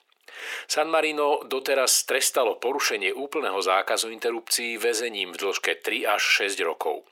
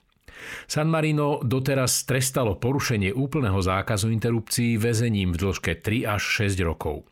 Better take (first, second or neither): second